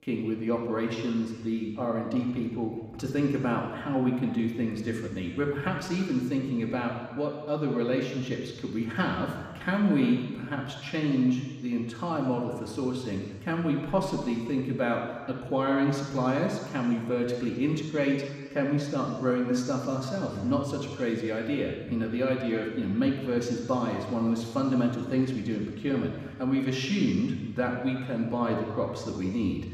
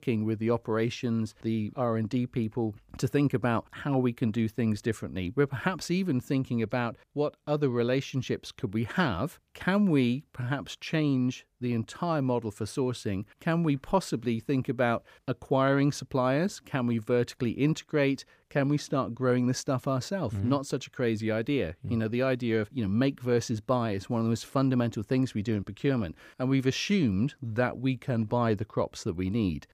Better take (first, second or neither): second